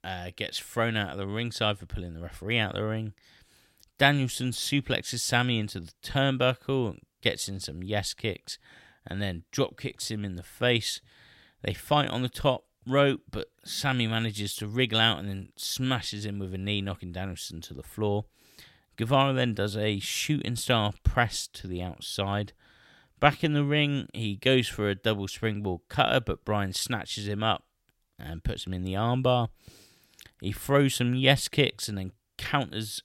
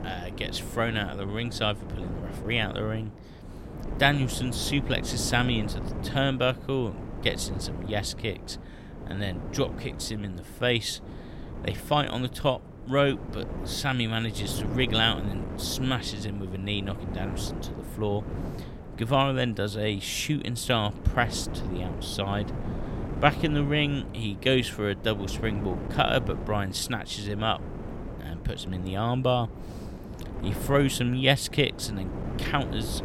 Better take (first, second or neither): first